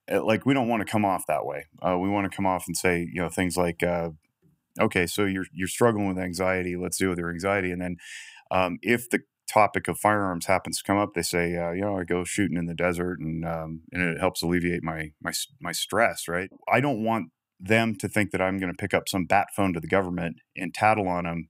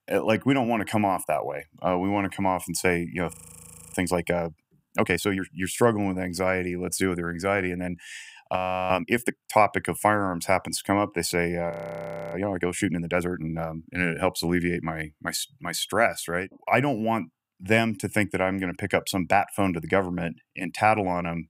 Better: first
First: none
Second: audio freezing; at 3.5 s for 0.5 s, at 8.5 s and at 12 s for 0.5 s

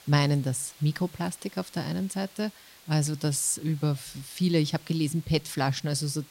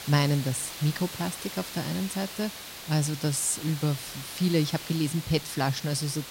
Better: first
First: hiss; faint; throughout; 20 dB below the speech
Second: hiss; loud; throughout; 9 dB below the speech

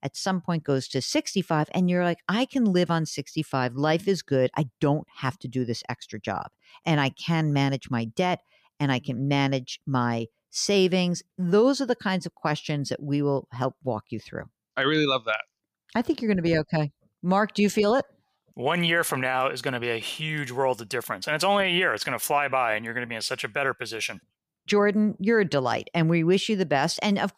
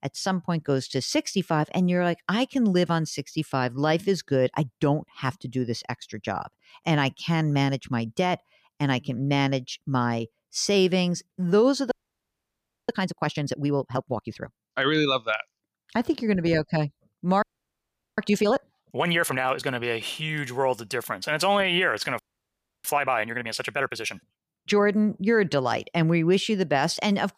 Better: first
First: none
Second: audio freezing; at 12 s for 1 s, at 17 s for 1 s and at 22 s for 0.5 s

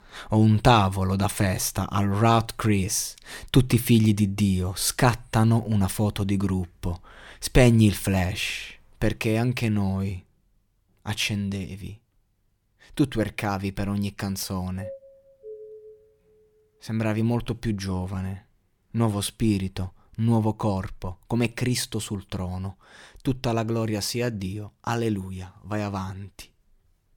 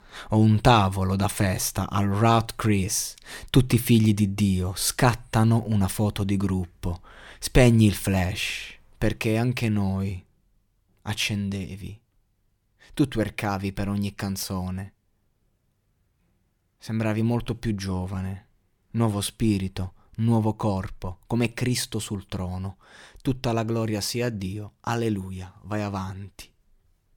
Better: second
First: doorbell; faint; from 15 to 16 s; peak 15 dB below the speech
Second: none

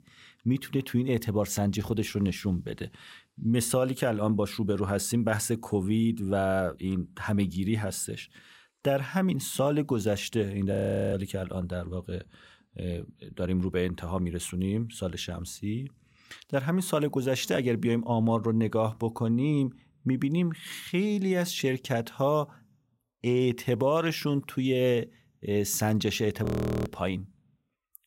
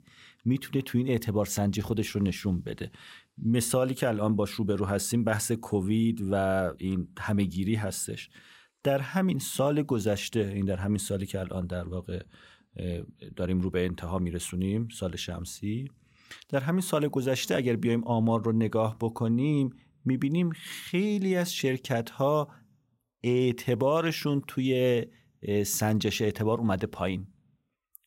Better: second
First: audio freezing; at 11 s and at 26 s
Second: none

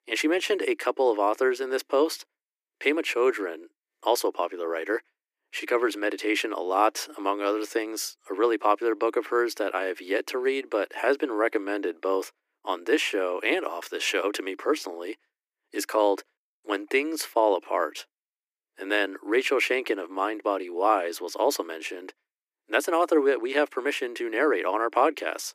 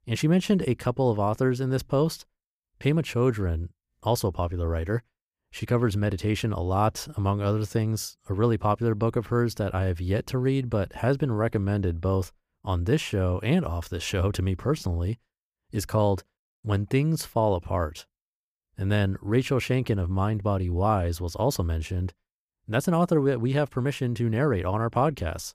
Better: second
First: thin; very; fading below 300 Hz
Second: none

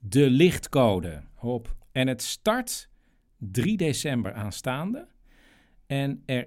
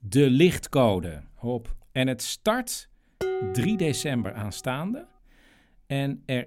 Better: first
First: none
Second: clattering dishes; noticeable; at 3 s; peak 3 dB below the speech

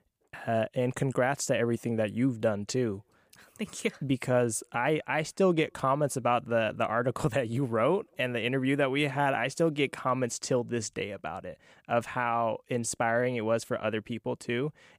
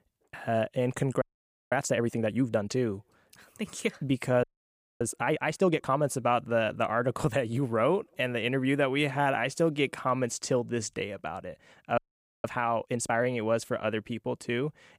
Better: first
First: none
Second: audio freezing; at 1 s for 0.5 s, at 4.5 s for 0.5 s and at 12 s

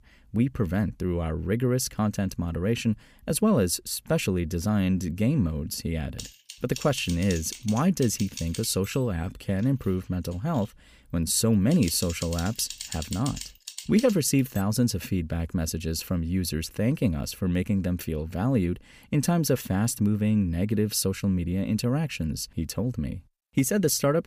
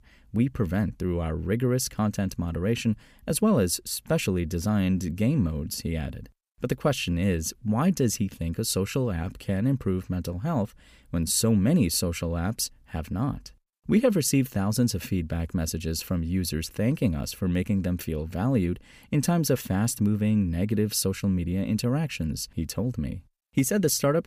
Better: second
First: keyboard typing; noticeable; from 6 to 15 s; peak 9 dB below the speech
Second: none

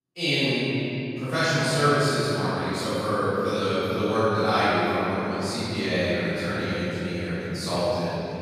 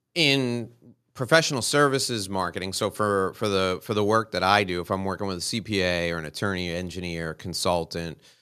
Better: second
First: room echo; strong; dies away in 3 s // off-mic speech; far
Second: none

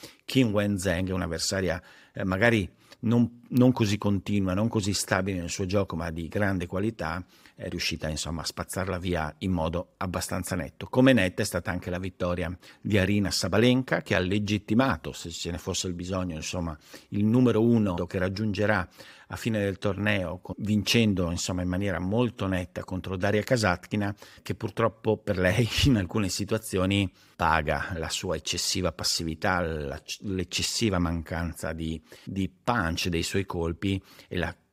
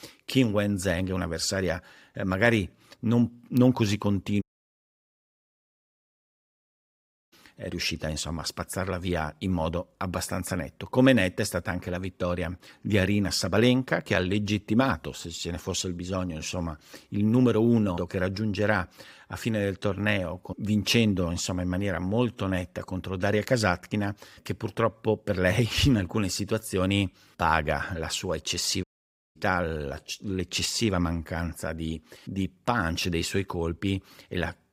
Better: first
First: none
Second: audio cutting out; at 4.5 s for 3 s and at 29 s for 0.5 s

